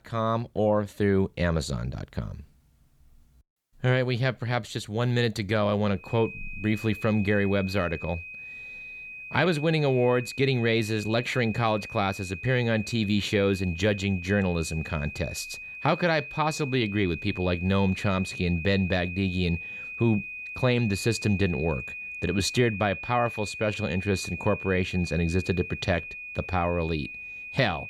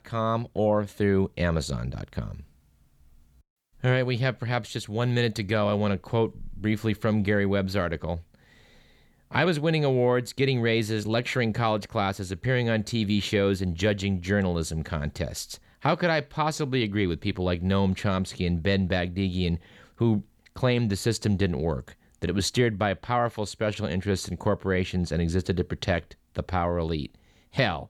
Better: second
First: high-pitched whine; loud; from 6 s on; 2.5 kHz, 10 dB below the speech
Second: none

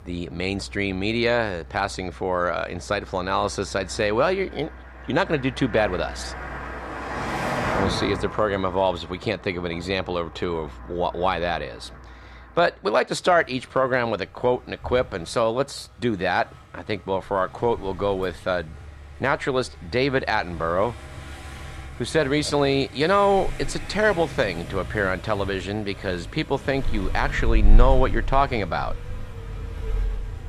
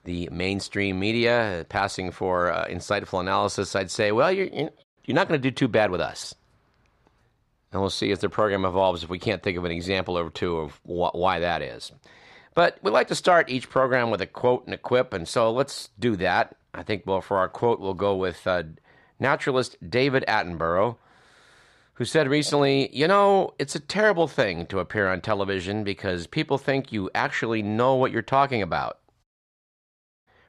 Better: second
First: traffic noise; loud; throughout; 9 dB below the speech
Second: none

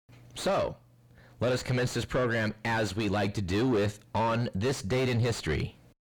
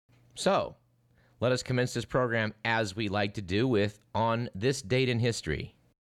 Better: second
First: distortion; heavy; 5 dB below the speech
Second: none

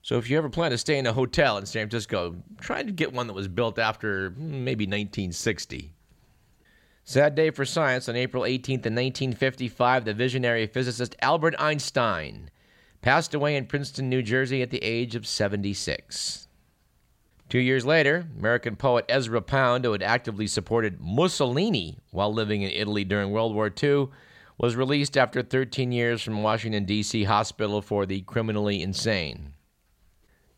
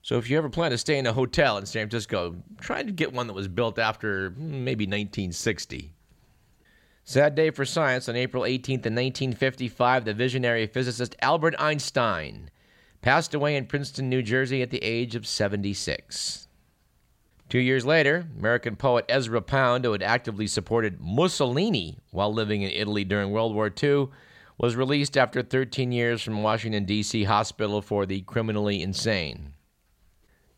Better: neither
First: none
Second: none

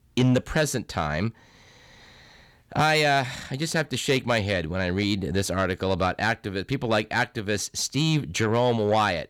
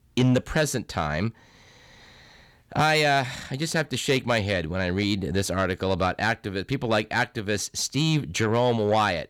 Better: neither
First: distortion; slight; 10 dB below the speech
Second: distortion; slight; 10 dB below the speech

